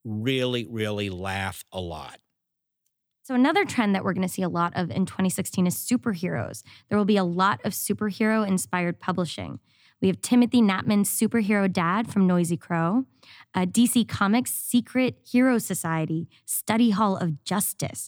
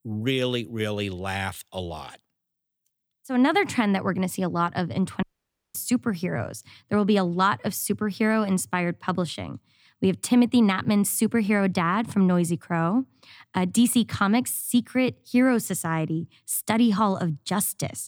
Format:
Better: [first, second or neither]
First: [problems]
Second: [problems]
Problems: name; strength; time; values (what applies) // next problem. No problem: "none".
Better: first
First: none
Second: audio cutting out; at 5 s for 0.5 s